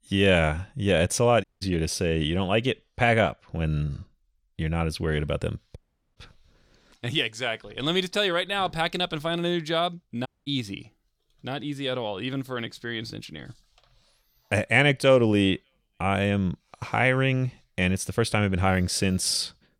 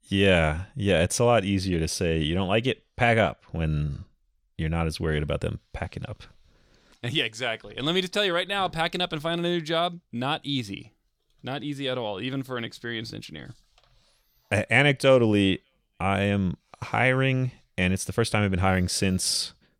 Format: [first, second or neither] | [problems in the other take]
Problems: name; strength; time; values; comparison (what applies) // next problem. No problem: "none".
second | audio cutting out; at 1.5 s, at 6 s and at 10 s